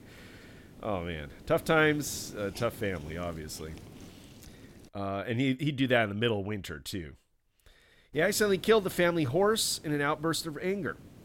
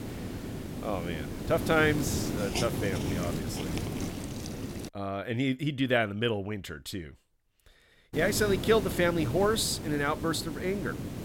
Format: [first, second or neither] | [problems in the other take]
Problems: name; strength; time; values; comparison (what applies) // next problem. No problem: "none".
first | hiss; loud; until 5 s and from 8 s on; 5 dB below the speech; faint in the first